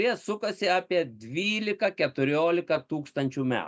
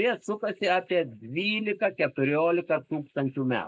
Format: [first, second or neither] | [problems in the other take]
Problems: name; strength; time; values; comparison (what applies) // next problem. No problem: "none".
first | noise reduction (neural mask model Resemble Enhance denoiser)